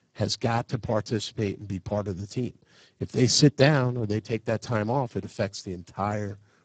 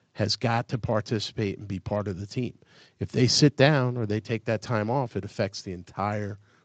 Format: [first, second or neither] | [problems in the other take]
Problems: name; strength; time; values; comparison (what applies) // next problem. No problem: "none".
second | garbled, watery; badly; nothing above 7.5 kHz; slightly in the second